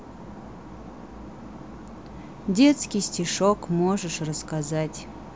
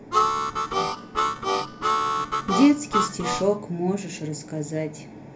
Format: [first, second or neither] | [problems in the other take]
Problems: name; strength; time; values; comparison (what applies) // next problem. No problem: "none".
first | background sound (Harmonica); 2 dB above the speech // room echo; dies away in 0.3 s